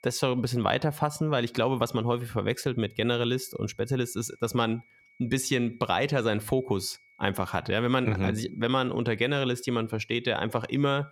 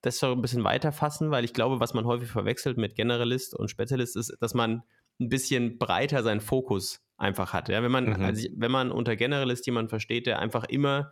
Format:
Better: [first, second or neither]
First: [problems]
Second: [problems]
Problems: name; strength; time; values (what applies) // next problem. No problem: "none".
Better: second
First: high-pitched whine; faint; throughout; 2 kHz, 30 dB below the speech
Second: none